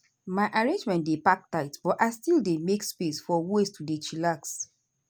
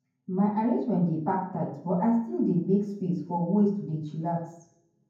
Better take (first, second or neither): first